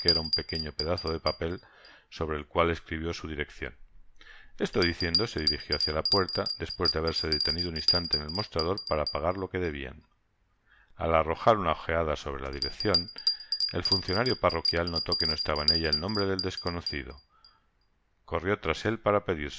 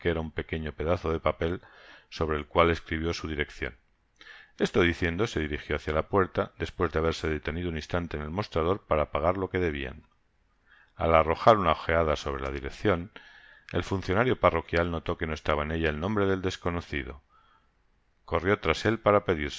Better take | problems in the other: second | background sound (Bell); 3 dB below the speech

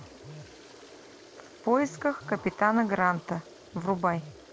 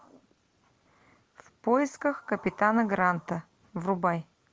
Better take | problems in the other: second | background sound (Toilet flush + Telephone); 18 dB below the speech

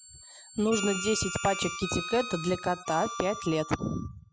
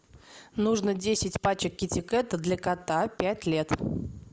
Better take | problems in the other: second | noise reduction (classical method spectral subtraction)

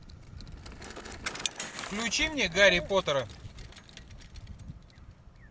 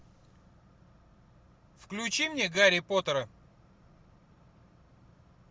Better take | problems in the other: second | background sound (Bicycle); 10 dB below the speech

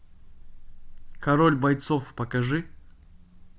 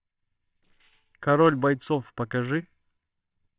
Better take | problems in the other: first | noise reduction (neural separator model SepFormer WHAMR!)

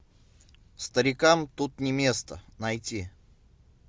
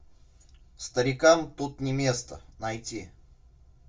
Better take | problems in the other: first | room echo; dies away in 0.2 s

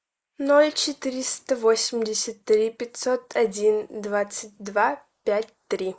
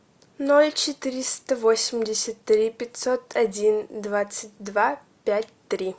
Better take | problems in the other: second | noise reduction (neural mask model Resemble Enhance denoiser)

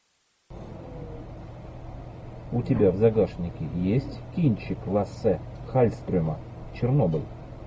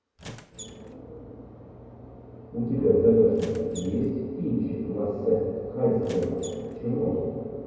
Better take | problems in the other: first | background sound (Squeak); 18 dB below the speech // room echo; dies away in 2.2 s

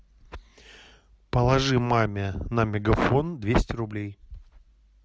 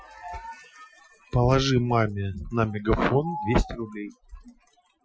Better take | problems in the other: first | noise reduction (classical method Wiener filter)

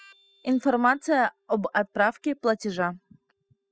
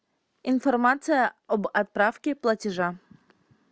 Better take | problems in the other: second | noise reduction (classical method spectral subtraction)

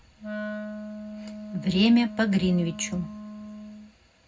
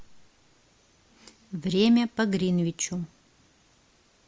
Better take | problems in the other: second | background sound (Wind instrument, woodwind instrument); 11 dB below the speech // room echo; dies away in 0.3 s

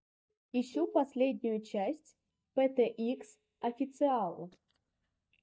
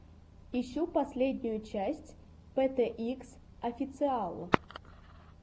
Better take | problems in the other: second | noise reduction (neural mask model DeepFilterNet 3)

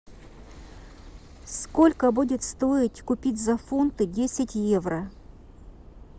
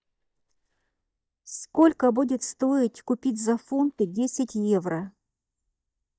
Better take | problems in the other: first | noise reduction (neural mask model DeepFilterNet 3)

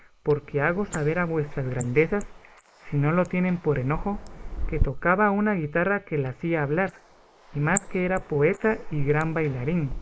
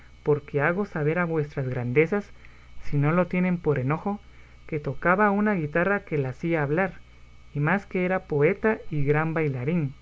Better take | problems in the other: second | noise reduction (neural mask model Resemble Enhance denoiser)

